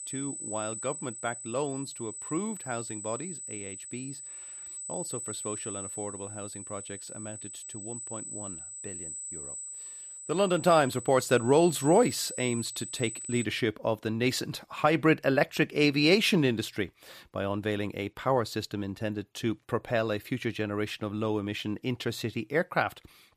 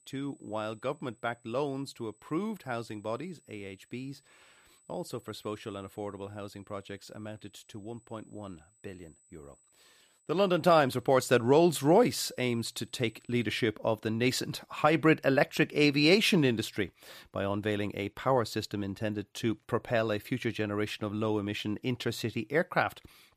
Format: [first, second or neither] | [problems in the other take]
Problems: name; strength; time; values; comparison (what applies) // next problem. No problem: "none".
second | high-pitched whine; loud; until 13 s; 8 kHz, 9 dB below the speech; faint in the second